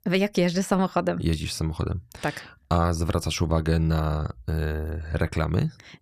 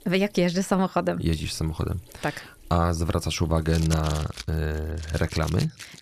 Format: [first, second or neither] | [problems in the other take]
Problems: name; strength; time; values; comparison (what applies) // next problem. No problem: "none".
first | household noises; noticeable; throughout; 15 dB below the speech